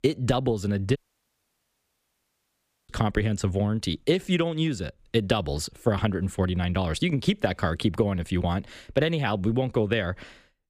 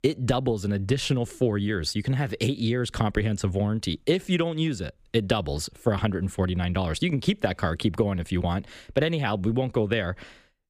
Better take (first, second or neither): second